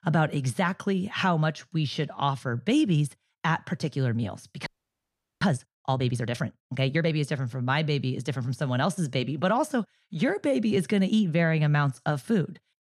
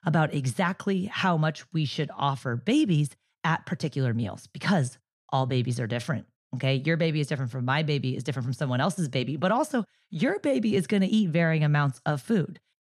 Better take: second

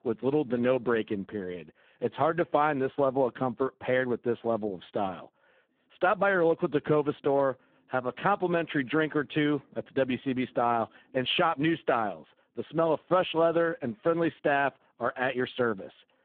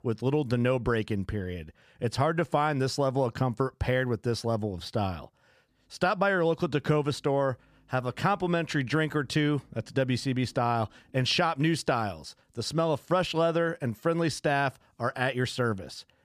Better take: second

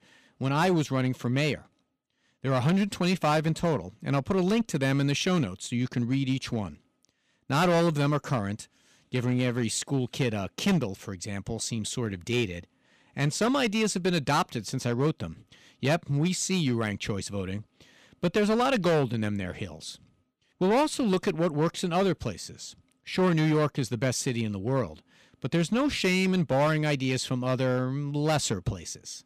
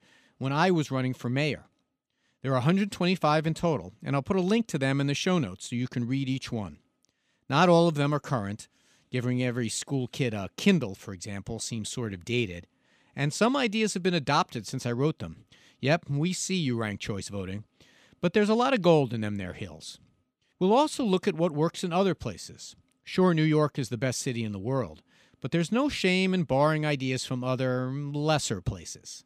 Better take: second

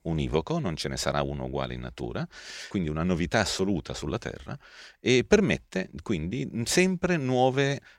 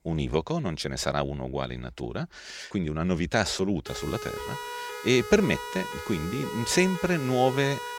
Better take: first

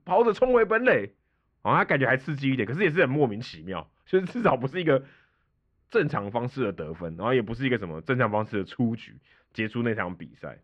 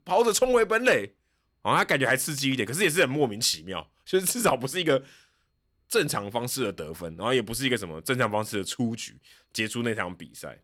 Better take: second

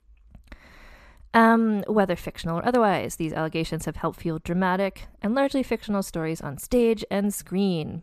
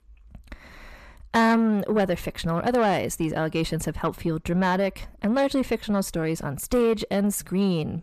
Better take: first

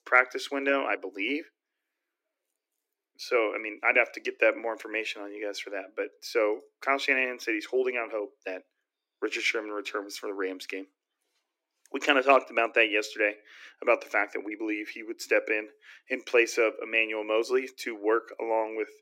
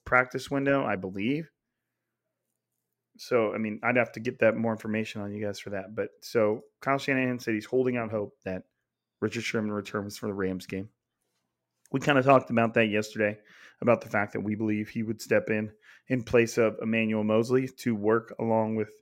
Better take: second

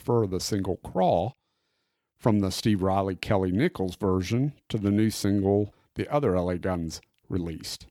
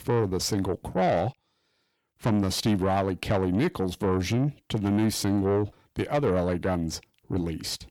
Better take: first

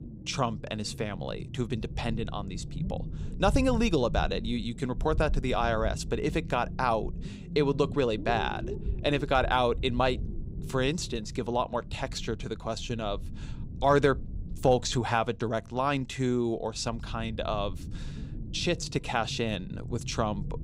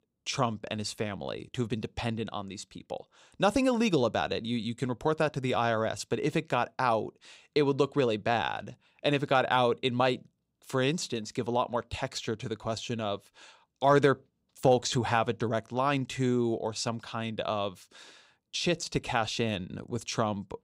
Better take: second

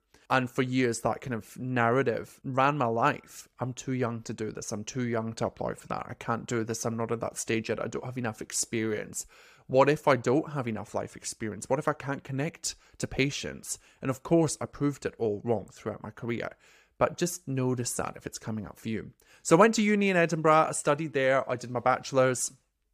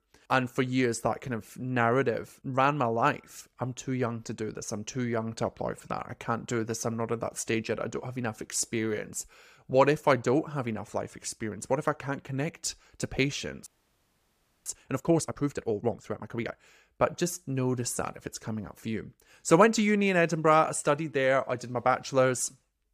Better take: first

